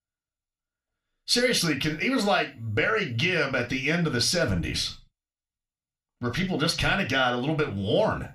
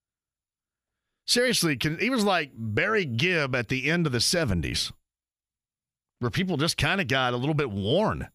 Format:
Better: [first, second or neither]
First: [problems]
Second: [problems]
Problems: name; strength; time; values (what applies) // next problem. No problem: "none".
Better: second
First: room echo; very slight; dies away in 0.3 s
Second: none